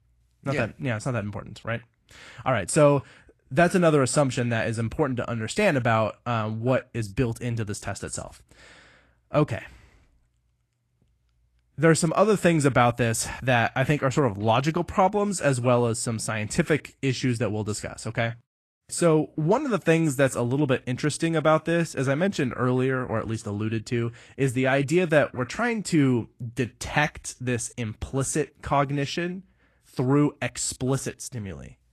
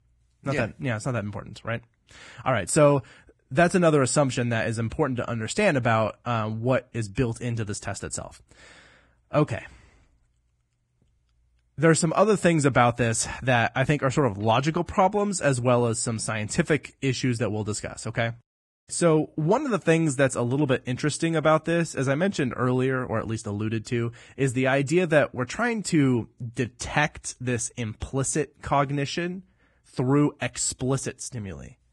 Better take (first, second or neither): first